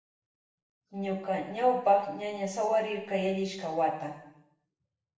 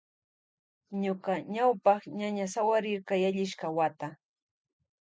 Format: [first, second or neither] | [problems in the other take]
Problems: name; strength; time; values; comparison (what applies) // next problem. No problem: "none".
second | room echo; dies away in 0.8 s